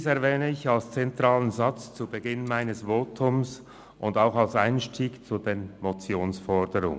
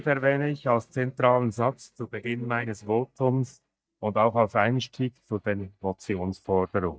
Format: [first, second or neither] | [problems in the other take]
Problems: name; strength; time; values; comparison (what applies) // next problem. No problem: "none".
first | noise reduction (neural mask model DeepFilterNet 3)